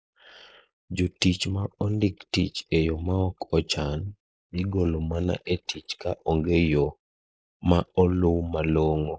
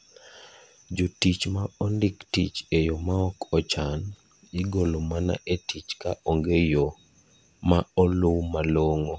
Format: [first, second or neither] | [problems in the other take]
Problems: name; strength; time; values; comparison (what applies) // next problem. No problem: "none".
second | noise reduction (neural mask model Resemble Enhance denoiser)